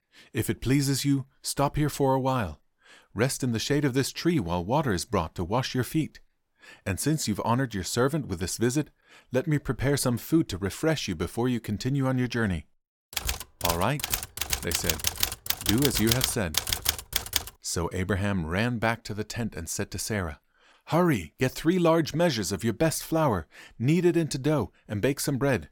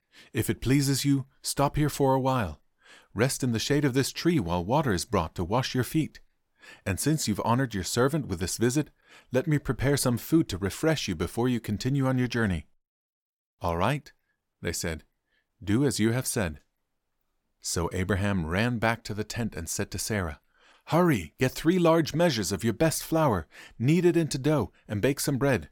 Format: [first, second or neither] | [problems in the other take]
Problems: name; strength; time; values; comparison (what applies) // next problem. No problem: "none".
second | keyboard typing; loud; from 13 to 17 s; peak 2 dB above the speech